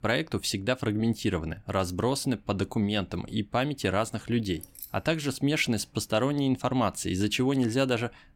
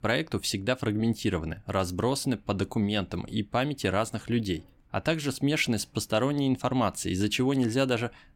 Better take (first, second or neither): second